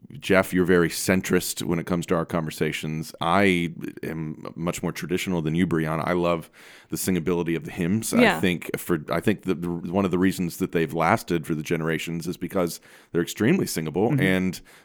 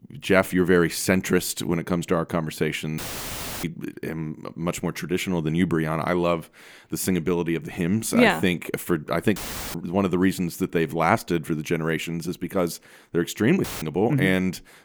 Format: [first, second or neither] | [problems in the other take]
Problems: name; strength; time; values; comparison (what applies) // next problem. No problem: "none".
first | audio cutting out; filled with static; at 3 s for 0.5 s, at 9.5 s and at 14 s